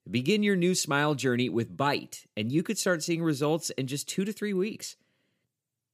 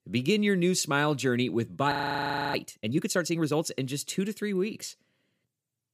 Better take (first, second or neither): first